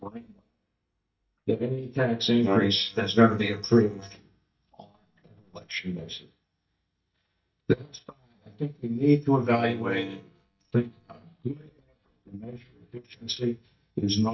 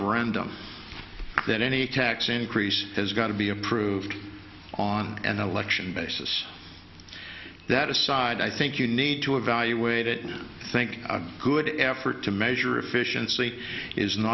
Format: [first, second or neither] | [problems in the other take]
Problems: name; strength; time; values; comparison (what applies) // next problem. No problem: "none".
second | noise reduction (neural mask model DeepFilterNet 3)